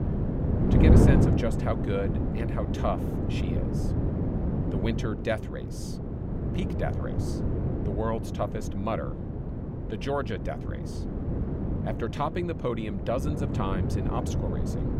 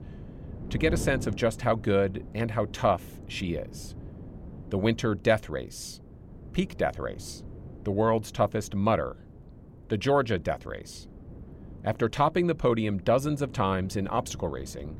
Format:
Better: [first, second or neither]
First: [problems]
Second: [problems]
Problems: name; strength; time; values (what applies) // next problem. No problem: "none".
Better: second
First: wind noise on the microphone; heavy; 2 dB below the speech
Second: wind noise on the microphone; occasional gusts; 20 dB below the speech